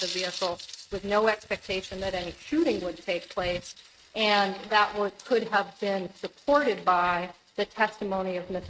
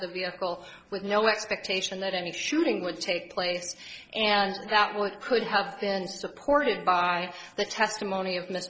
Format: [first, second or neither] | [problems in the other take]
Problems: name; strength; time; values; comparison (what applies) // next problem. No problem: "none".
second | noise reduction (neural mask model RNNoise)